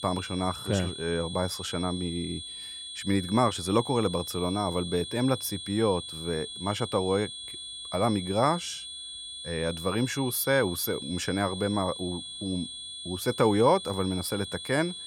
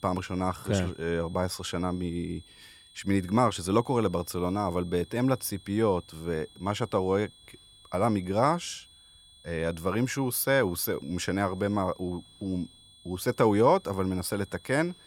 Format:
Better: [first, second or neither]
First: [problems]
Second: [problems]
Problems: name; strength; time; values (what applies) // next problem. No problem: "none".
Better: second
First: high-pitched whine; loud; throughout; 3.5 kHz, 8 dB below the speech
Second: high-pitched whine; faint; throughout; 3.5 kHz, 25 dB below the speech